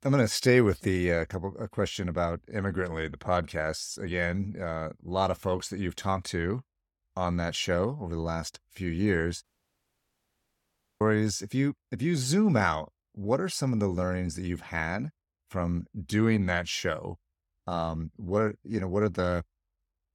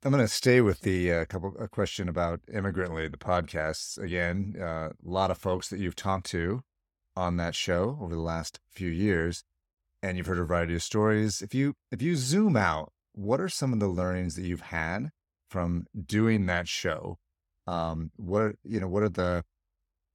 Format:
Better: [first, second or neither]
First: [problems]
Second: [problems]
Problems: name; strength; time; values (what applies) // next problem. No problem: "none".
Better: second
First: audio cutting out; at 9.5 s for 1.5 s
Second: none